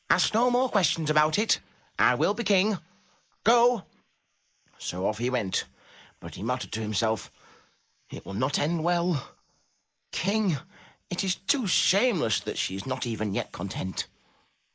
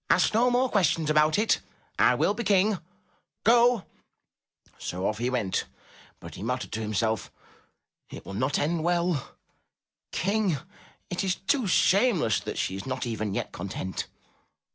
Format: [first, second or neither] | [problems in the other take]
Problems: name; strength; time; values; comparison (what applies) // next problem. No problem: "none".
second | noise reduction (neural mask model Resemble Enhance denoiser)